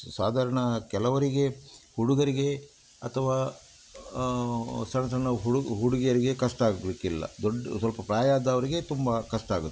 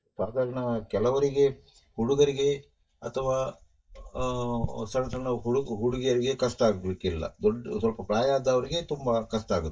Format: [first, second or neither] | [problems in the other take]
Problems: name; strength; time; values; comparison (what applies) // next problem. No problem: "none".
first | noise reduction (neural mask model DeepFilterNet 3)